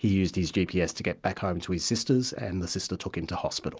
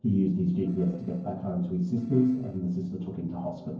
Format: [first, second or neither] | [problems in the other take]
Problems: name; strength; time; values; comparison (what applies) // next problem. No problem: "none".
first | noise reduction (neural separator model SepFormer DNS4)